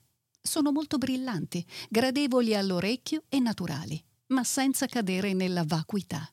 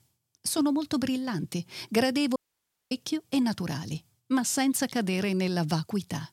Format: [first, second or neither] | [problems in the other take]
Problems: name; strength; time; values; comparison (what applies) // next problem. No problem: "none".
first | audio cutting out; at 2.5 s for 0.5 s